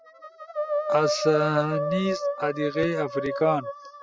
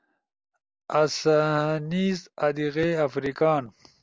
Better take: second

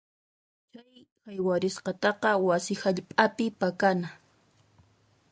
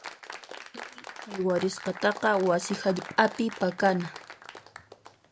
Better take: first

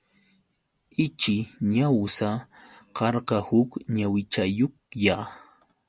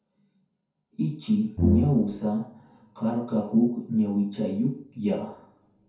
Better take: first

